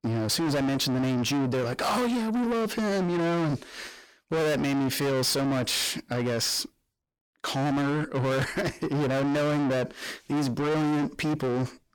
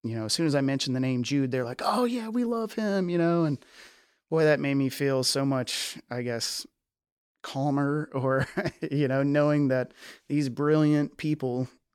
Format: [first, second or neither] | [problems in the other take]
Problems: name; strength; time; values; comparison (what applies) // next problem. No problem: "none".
second | distortion; heavy; 6 dB below the speech